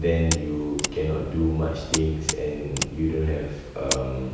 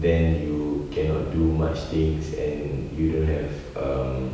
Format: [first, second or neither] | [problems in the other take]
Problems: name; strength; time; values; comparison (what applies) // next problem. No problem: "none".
second | background sound (Mechanisms); 8 dB below the speech